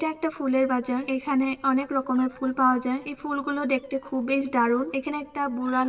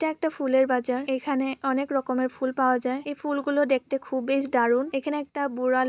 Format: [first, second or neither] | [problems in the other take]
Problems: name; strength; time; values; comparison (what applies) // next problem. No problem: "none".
second | noise reduction (neural separator model SepFormer DNS4)